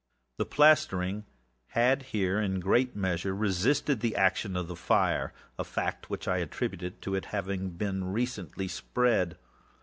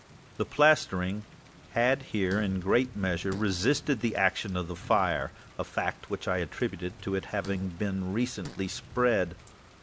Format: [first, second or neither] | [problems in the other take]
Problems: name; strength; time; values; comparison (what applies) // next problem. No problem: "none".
first | background sound (Fart + Thunder / Rain); 18 dB below the speech